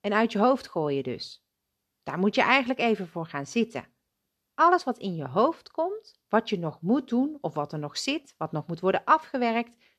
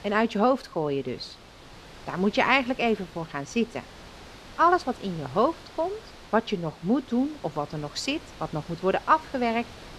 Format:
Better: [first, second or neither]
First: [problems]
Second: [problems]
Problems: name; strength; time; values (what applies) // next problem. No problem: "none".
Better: first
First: none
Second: wind noise on the microphone; occasional gusts; 20 dB below the speech